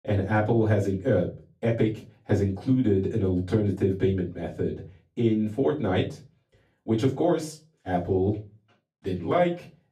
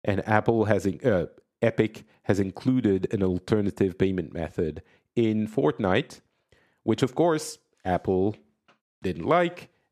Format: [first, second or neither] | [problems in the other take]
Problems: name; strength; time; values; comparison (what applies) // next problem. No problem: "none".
second | off-mic speech; far // room echo; very slight; dies away in 0.3 s